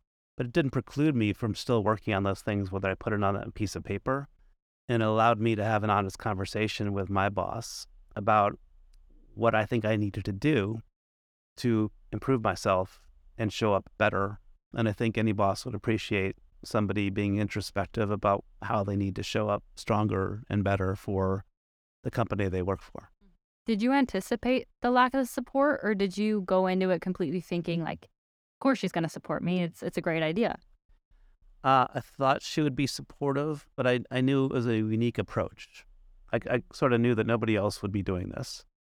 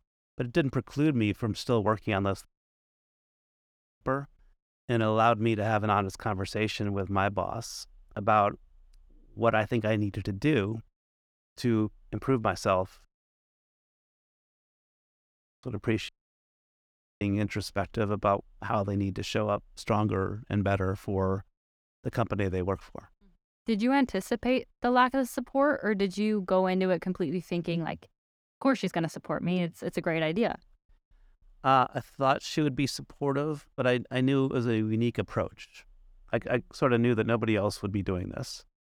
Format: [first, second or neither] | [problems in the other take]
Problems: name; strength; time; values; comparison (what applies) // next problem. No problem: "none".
first | audio cutting out; at 2.5 s for 1.5 s, at 13 s for 2.5 s and at 16 s for 1 s